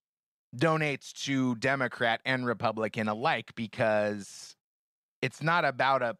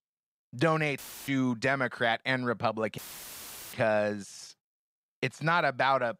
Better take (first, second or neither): first